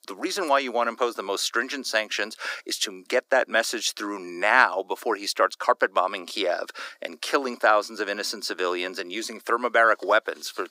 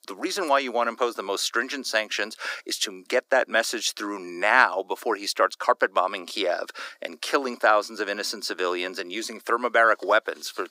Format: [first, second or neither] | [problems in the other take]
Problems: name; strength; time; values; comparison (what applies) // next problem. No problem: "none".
neither | thin; very; fading below 350 Hz; the same in both